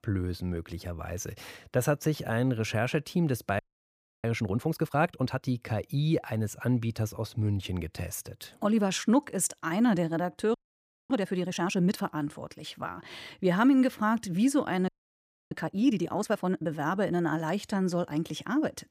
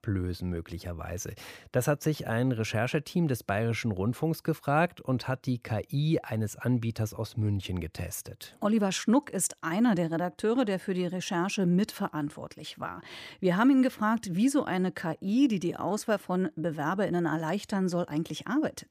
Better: second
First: audio freezing; at 3.5 s for 0.5 s, at 11 s for 0.5 s and at 15 s for 0.5 s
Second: none

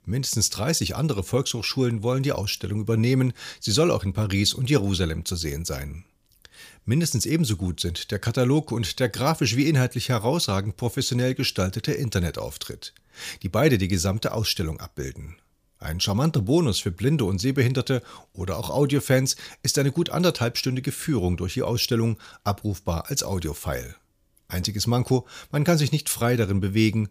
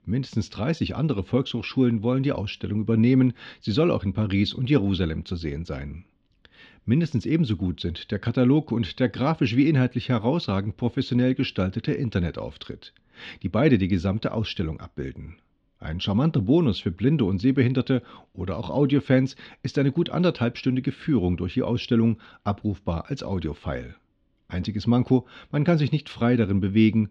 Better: first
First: none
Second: muffled; slightly; fading above 3.5 kHz

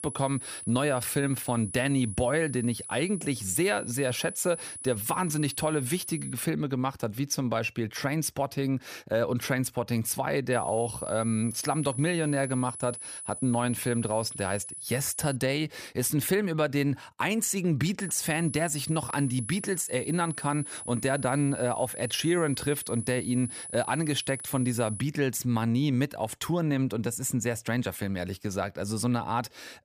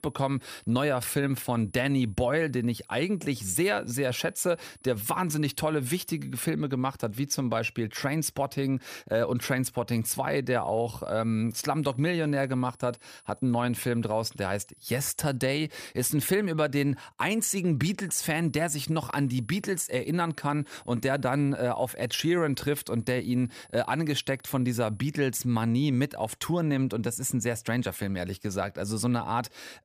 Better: second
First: high-pitched whine; loud; until 6.5 s, from 11 to 15 s and from 18 to 25 s; 10 kHz, 9 dB below the speech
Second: high-pitched whine; faint; until 6.5 s, from 11 to 15 s and from 18 to 25 s; 10 kHz, 30 dB below the speech

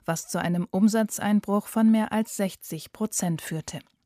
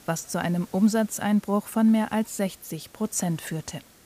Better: first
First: none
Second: hiss; faint; throughout; 25 dB below the speech

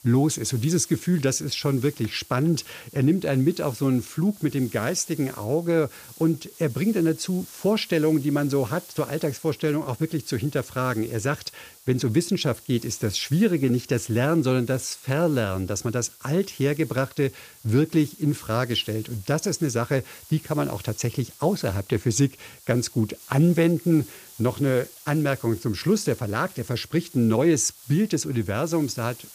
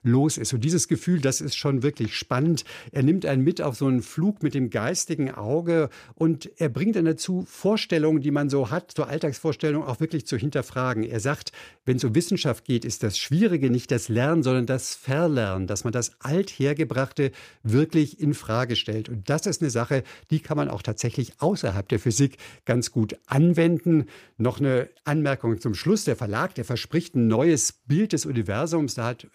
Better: second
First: hiss; noticeable; throughout; 20 dB below the speech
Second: none

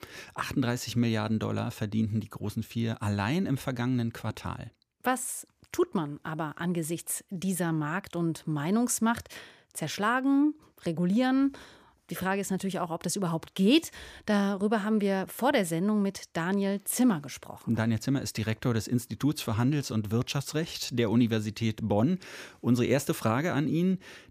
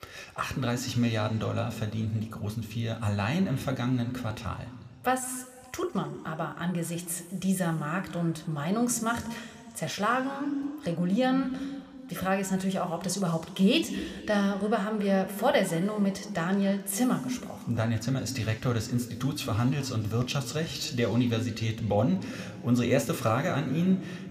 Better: first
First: none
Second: room echo; very slight; dies away in 1.9 s

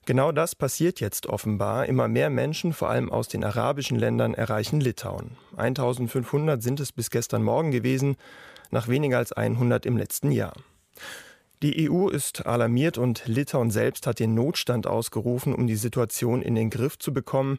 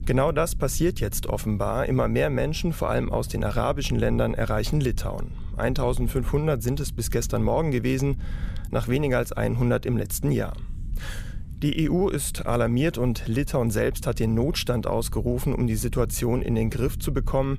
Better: first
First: none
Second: low rumble; faint; throughout; 25 dB below the speech

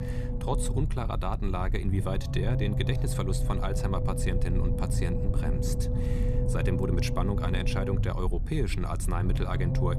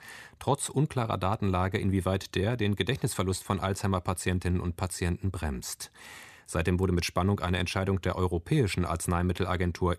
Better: second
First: low rumble; loud; throughout; 4 dB below the speech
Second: none

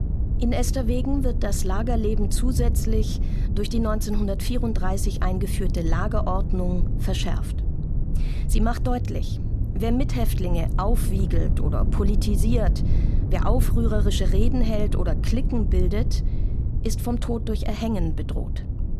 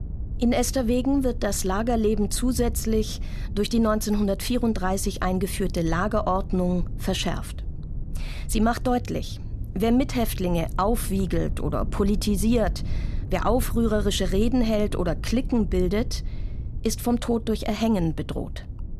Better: second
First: low rumble; loud; throughout; 9 dB below the speech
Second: low rumble; faint; throughout; 20 dB below the speech

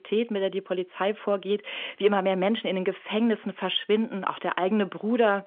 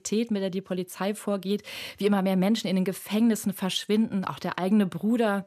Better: second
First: phone-call audio; nothing above 3.5 kHz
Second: none

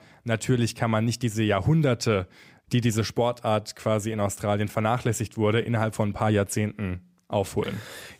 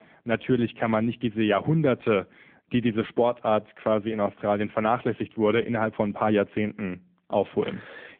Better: first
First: none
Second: phone-call audio; nothing above 3.5 kHz

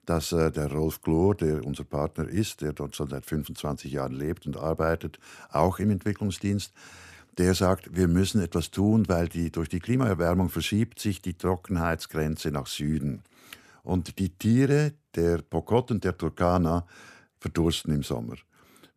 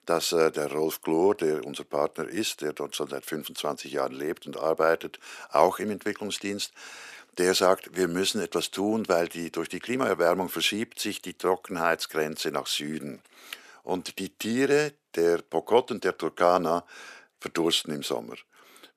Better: first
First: none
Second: thin; somewhat; fading below 450 Hz

